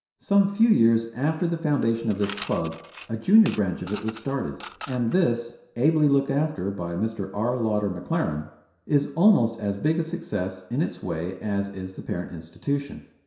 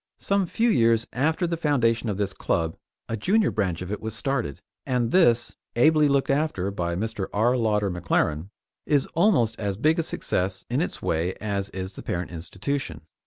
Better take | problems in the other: second | background sound (Coin (dropping) / Mechanisms); 17 dB below the speech // room echo; dies away in 0.7 s

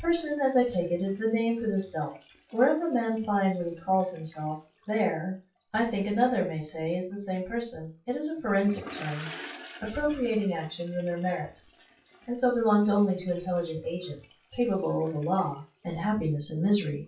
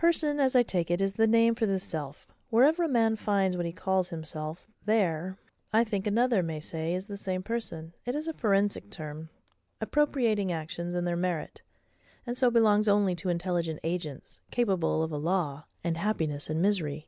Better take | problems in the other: second | noise reduction (classical method WPE with log-MMSE)

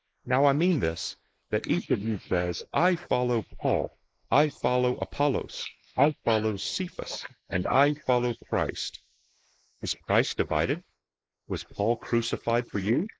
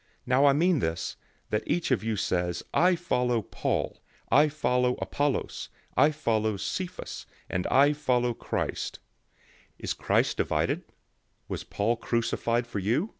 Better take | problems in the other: second | noise reduction (neural mask model Resemble Enhance denoiser)

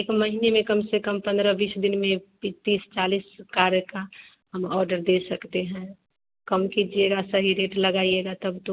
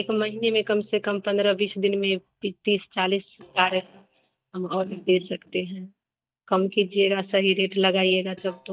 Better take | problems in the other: first | noise reduction (neural mask model DeepFilterNet 3)

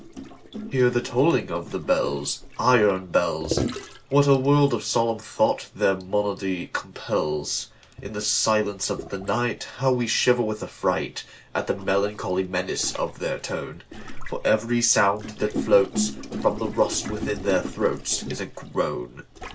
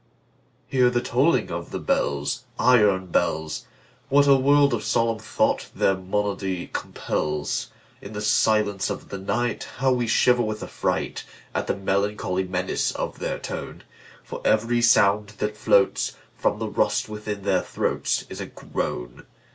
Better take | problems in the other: second | background sound (Gurgling); 12 dB below the speech

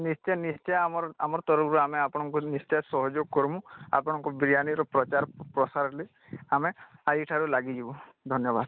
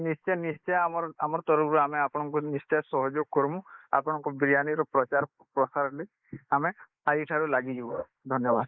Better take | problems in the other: first | noise reduction (neural mask model Resemble Enhance denoiser)

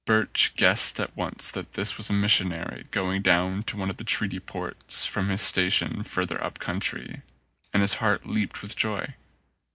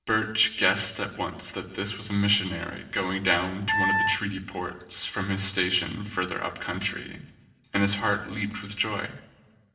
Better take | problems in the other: first | background sound (Wind instrument, woodwind instrument); 2 dB above the speech // room echo; dies away in 1.2 s

